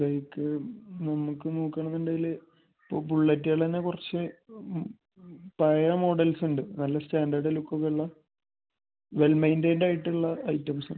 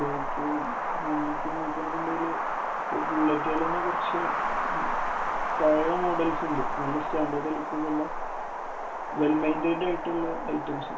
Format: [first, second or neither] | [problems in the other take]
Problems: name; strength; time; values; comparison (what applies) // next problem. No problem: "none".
first | background sound (Wind); as loud as the speech // room echo; dies away in 0.3 s